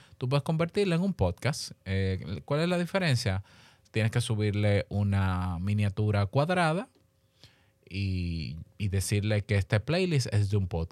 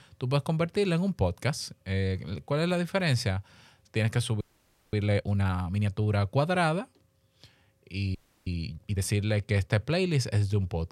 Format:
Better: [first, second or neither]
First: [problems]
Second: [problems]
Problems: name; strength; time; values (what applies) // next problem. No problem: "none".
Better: first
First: none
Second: audio freezing; at 4.5 s for 0.5 s and at 8 s